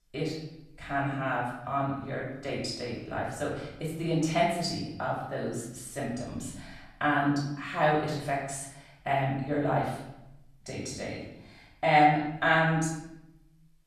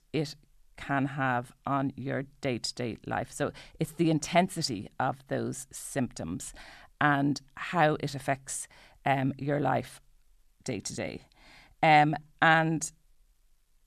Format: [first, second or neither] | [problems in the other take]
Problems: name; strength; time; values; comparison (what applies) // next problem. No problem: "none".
second | off-mic speech; far // room echo; noticeable; dies away in 0.8 s